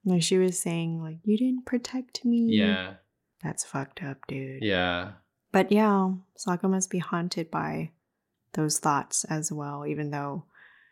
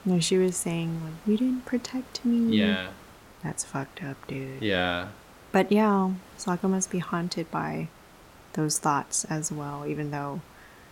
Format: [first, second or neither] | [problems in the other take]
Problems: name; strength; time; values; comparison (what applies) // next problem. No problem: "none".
first | hiss; faint; throughout; 20 dB below the speech